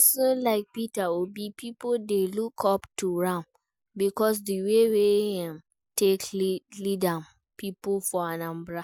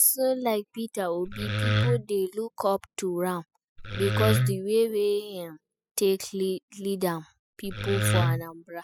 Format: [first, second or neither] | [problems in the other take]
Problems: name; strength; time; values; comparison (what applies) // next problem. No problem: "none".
first | noise reduction (classical method spectral subtraction)